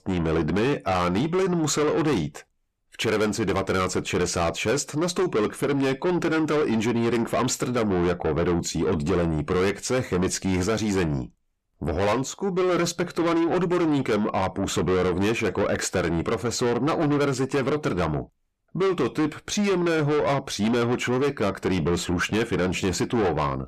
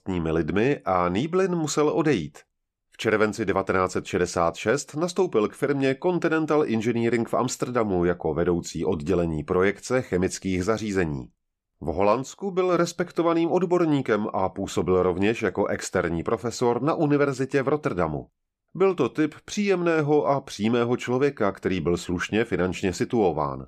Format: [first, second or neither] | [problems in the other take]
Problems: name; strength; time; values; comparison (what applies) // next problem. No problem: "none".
second | distortion; heavy; 7 dB below the speech